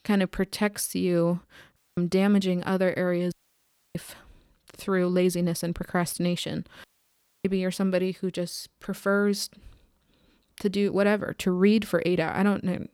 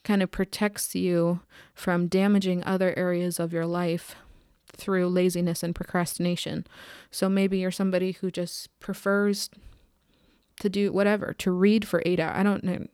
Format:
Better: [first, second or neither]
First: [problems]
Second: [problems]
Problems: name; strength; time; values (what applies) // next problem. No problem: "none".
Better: second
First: audio cutting out; at 2 s, at 3.5 s for 0.5 s and at 7 s for 0.5 s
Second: none